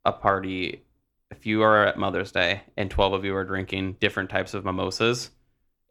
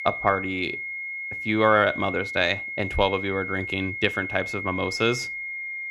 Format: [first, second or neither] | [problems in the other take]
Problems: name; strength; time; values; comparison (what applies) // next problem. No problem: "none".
first | high-pitched whine; loud; throughout; 2 kHz, 6 dB below the speech